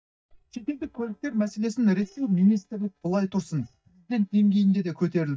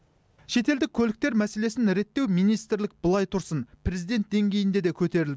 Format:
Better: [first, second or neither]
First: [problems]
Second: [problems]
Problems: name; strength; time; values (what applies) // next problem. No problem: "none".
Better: second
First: noise reduction (neural mask model DeepFilterNet 3)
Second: none